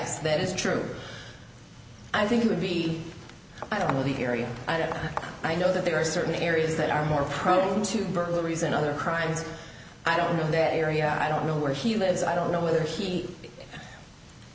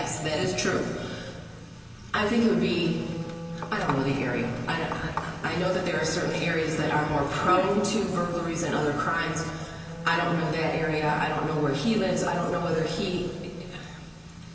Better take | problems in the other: first | background sound (Wind instrument, woodwind instrument); 15 dB below the speech // room echo; dies away in 2.4 s

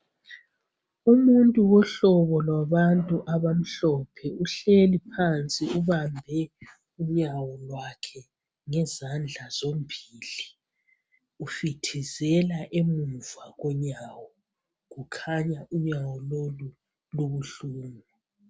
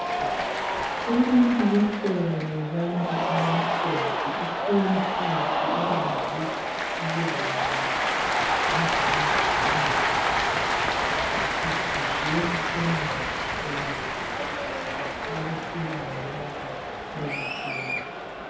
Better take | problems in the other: first | background sound (Cheering); 3 dB above the speech // room echo; dies away in 0.9 s

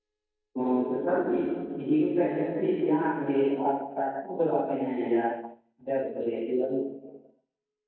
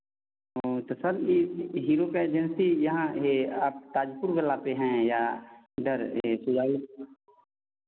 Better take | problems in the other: second | noise reduction (neural mask model DeepFilterNet 3)

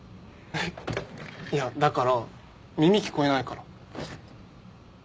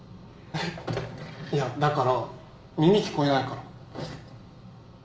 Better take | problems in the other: first | room echo; dies away in 0.9 s

